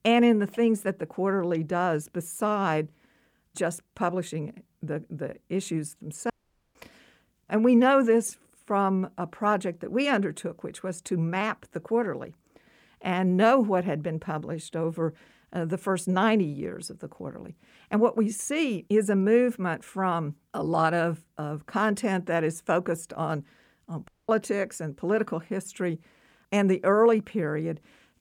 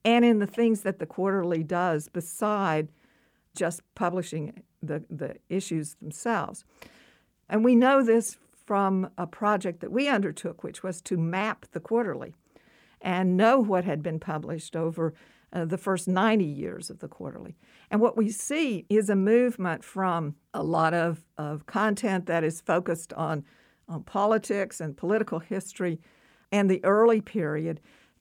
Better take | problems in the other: second | audio cutting out; at 6.5 s and at 24 s

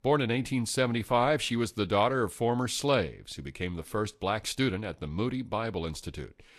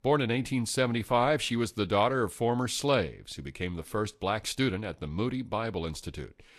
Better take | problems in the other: neither | garbled, watery; slightly; nothing above 12.5 kHz; the same in both

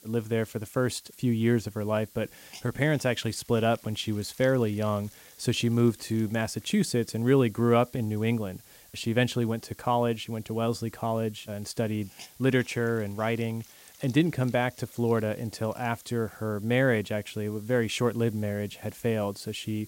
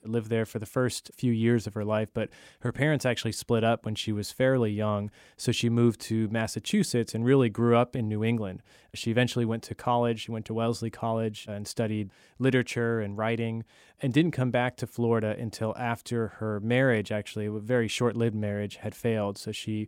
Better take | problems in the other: second | hiss; faint; throughout; 20 dB below the speech

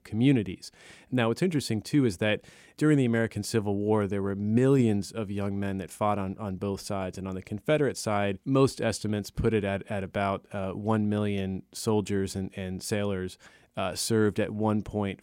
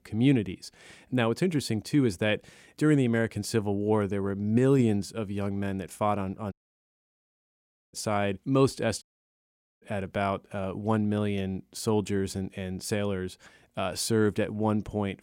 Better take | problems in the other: first | audio cutting out; at 6.5 s for 1.5 s and at 9 s for 1 s

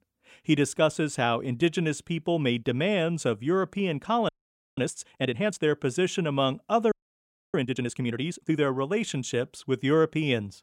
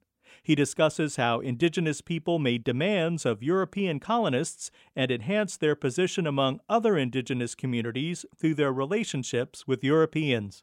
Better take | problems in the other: second | audio freezing; at 4.5 s and at 7 s for 0.5 s

